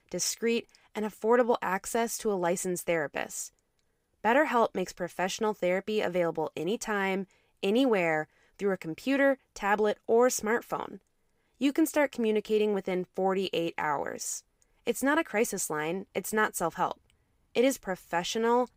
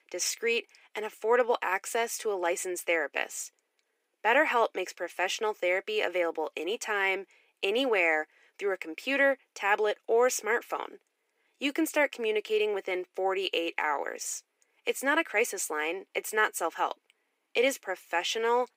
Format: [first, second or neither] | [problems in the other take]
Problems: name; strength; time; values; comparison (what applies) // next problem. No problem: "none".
first | thin; somewhat; fading below 300 Hz